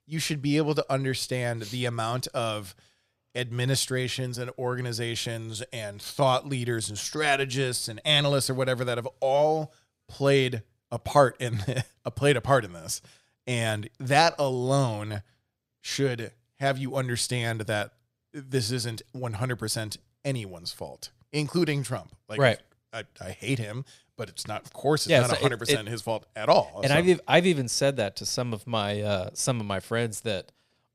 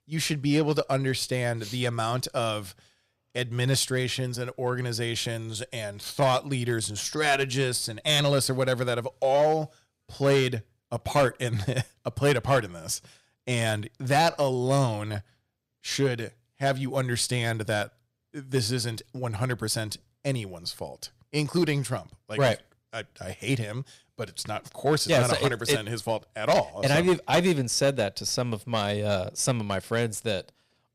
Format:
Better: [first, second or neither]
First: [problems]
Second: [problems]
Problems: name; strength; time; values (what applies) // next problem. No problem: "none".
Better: first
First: none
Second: distortion; slight; 2% of the sound clipped